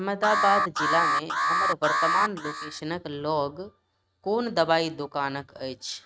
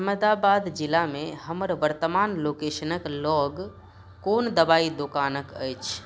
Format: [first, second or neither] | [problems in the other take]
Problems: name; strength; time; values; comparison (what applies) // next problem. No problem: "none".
second | noise reduction (neural mask model RNNoise)